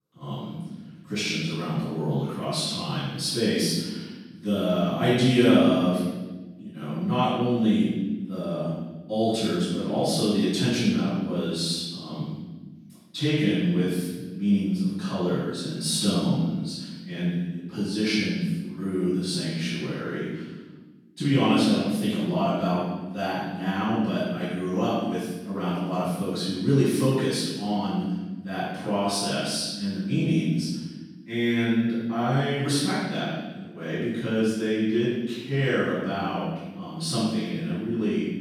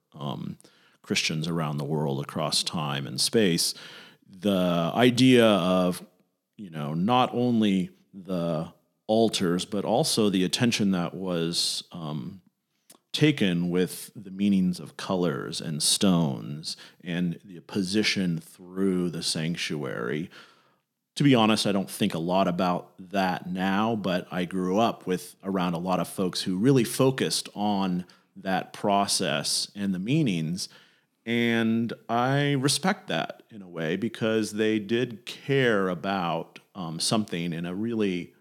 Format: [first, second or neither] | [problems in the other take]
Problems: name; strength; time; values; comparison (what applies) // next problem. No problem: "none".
second | off-mic speech; far // room echo; strong; dies away in 1.2 s